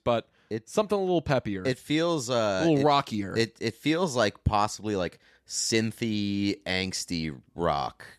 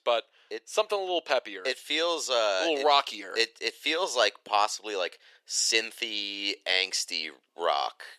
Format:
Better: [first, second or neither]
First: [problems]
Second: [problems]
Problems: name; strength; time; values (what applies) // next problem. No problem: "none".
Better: first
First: none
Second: thin; very; fading below 450 Hz